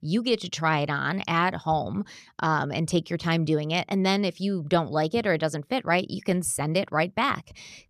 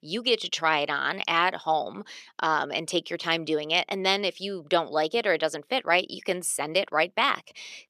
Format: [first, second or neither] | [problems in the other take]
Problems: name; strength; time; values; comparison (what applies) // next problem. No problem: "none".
first | thin; somewhat; fading below 400 Hz